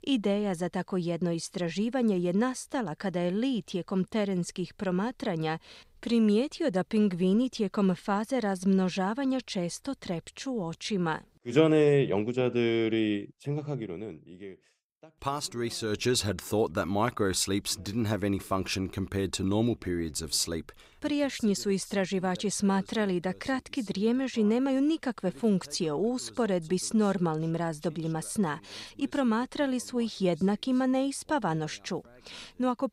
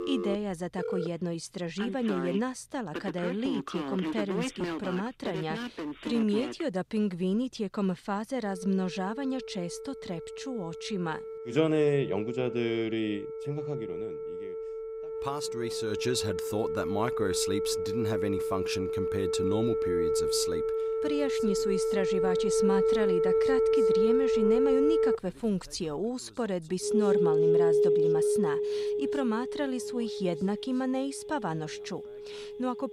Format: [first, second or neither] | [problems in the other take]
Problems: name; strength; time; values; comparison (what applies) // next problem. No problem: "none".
first | alarms or sirens; very loud; throughout; 2 dB above the speech